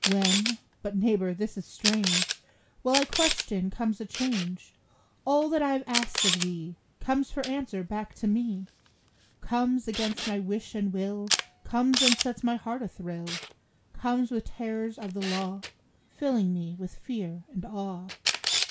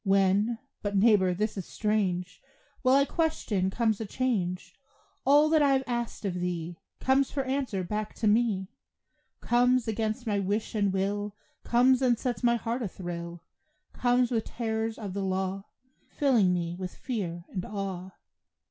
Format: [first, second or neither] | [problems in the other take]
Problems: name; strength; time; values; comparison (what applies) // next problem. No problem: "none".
second | background sound (Camera); 4 dB below the speech